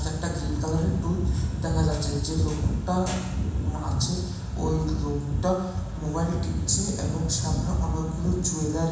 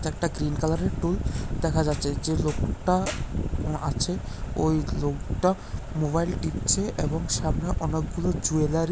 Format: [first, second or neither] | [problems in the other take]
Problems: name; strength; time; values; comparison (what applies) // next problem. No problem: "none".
second | room echo; dies away in 1.1 s